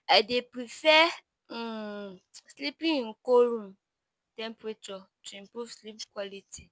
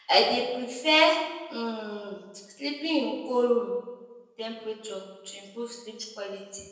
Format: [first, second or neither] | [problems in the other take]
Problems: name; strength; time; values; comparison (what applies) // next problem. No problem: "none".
first | room echo; dies away in 0.9 s